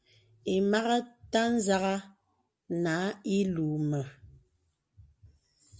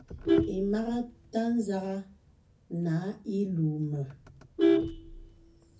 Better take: first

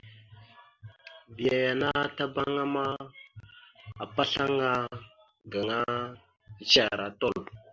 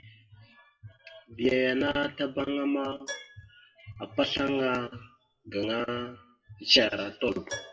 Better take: first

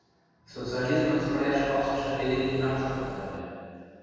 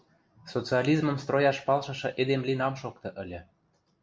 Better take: second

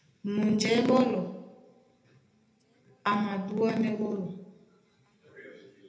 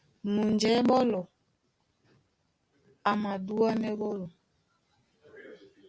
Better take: second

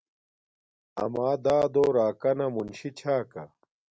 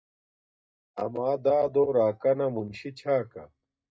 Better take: first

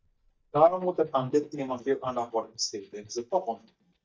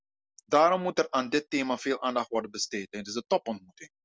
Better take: second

